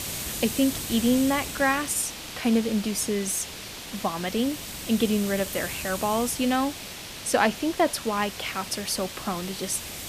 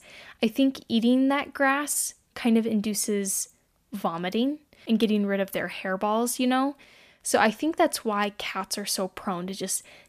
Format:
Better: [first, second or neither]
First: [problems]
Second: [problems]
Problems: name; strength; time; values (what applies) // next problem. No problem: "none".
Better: second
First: hiss; loud; throughout; 8 dB below the speech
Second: none